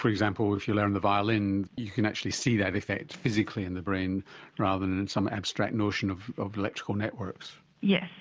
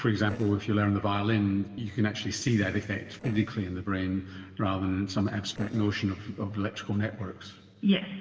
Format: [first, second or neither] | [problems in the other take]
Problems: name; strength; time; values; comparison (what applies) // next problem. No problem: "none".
first | noise reduction (neural separator model SepFormer DNS4)